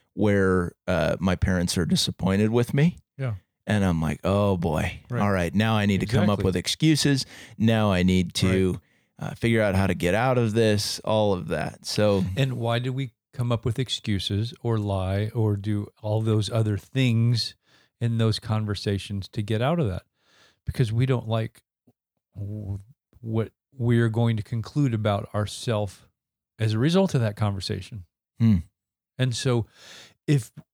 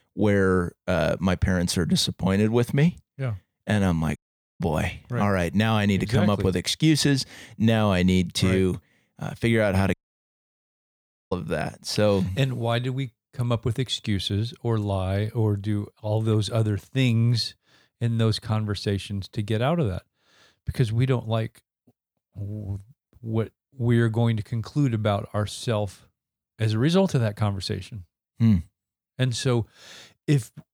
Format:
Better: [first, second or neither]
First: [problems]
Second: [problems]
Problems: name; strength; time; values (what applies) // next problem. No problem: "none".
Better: first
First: none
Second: audio cutting out; at 4 s and at 10 s for 1.5 s